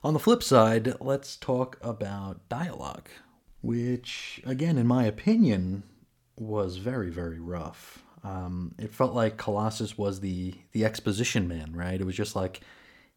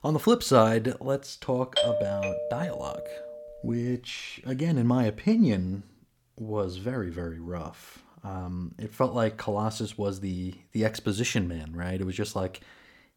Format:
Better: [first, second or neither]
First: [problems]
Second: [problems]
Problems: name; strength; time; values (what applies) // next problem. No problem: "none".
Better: first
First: none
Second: doorbell; loud; from 2 to 3.5 s; peak 3 dB above the speech